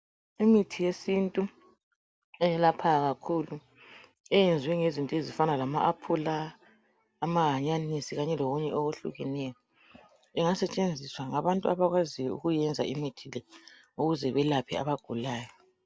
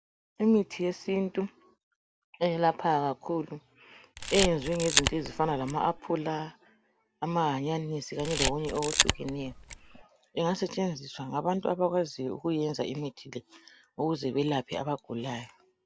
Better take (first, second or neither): first